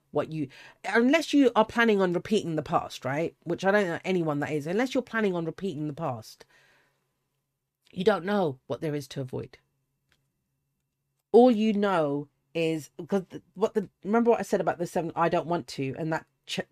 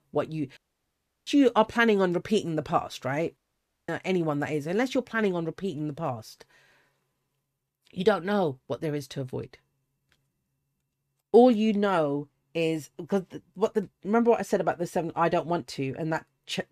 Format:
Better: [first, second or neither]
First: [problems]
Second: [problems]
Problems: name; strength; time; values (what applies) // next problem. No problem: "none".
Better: first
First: none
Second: audio cutting out; at 0.5 s for 0.5 s and at 3.5 s for 0.5 s